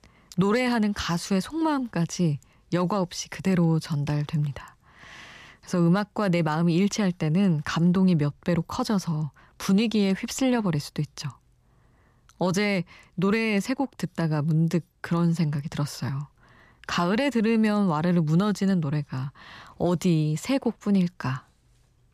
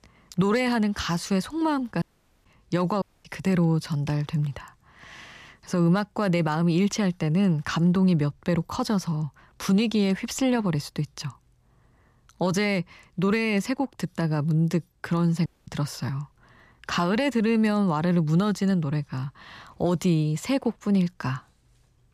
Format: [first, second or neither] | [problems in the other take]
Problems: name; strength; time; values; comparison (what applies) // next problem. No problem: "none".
first | audio cutting out; at 2 s, at 3 s and at 15 s